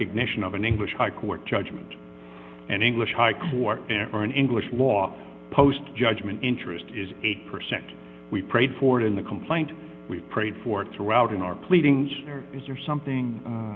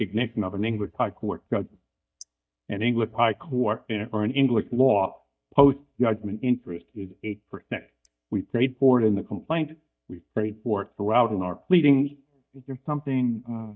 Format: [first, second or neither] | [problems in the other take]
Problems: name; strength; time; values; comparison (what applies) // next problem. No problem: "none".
first | noise reduction (neural mask model DeepFilterNet 3)